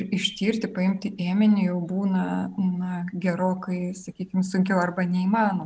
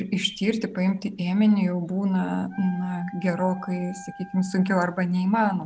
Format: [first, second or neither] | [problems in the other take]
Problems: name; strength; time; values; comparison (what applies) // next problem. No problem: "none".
first | background sound (Wind instrument, woodwind instrument); 19 dB below the speech